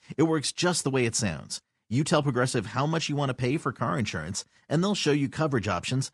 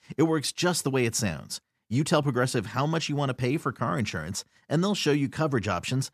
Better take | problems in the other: second | garbled, watery; slightly; nothing above 10 kHz

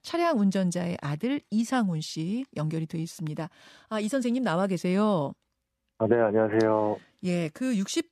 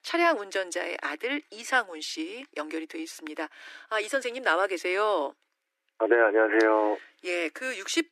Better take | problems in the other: first | thin; very; fading below 300 Hz

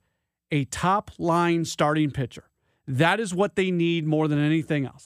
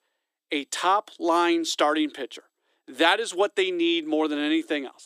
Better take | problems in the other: first | thin; somewhat; fading below 300 Hz

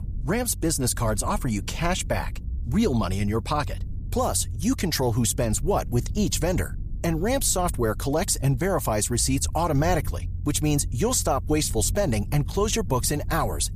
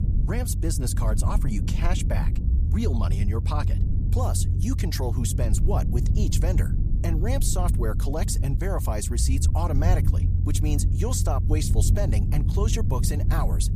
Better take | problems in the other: first | low rumble; loud; throughout; 7 dB below the speech; faint in the first

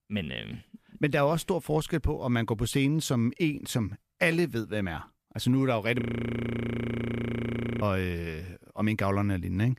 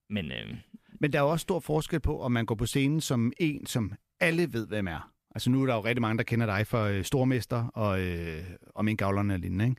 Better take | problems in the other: second | audio freezing; at 6 s for 2 s

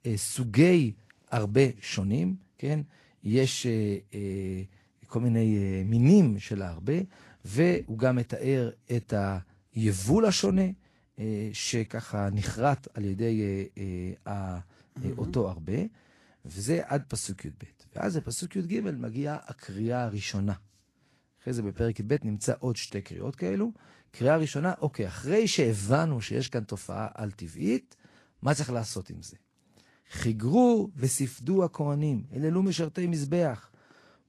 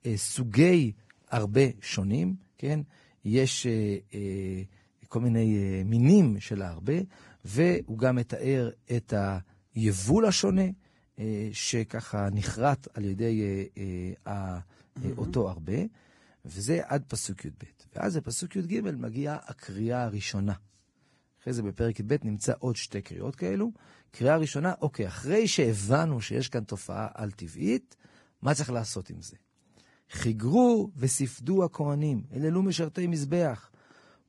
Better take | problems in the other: first | garbled, watery; badly; nothing above 10.5 kHz; slightly in the first

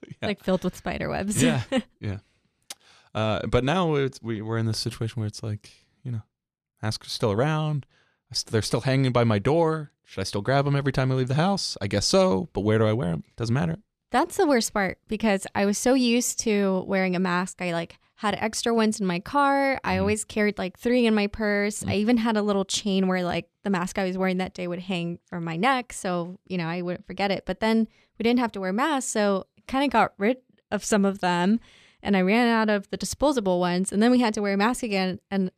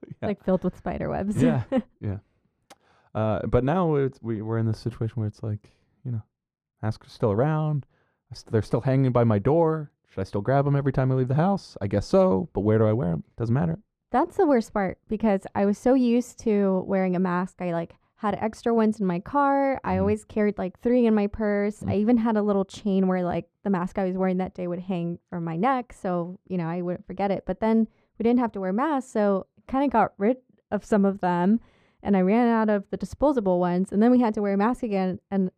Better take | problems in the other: first | muffled; very; fading above 2 kHz

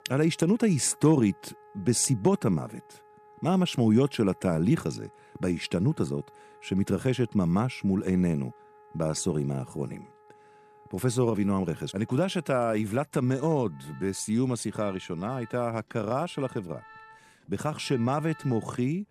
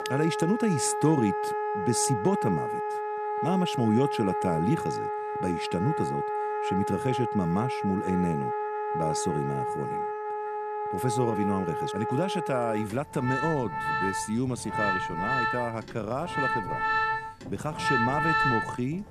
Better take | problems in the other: first | background music; loud; throughout; as loud as the speech; faint in the first

